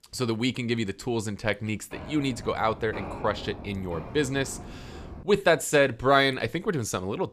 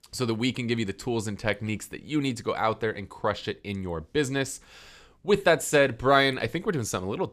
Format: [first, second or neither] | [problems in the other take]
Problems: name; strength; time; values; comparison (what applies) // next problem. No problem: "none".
second | footsteps; faint; from 2 to 5 s; peak 10 dB below the speech